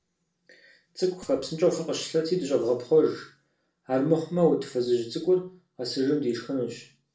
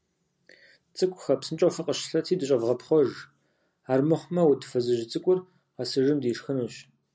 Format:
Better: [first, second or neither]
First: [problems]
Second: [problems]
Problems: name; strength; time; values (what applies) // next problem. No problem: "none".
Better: second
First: noise reduction (neural separator model SepFormer DNS4)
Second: none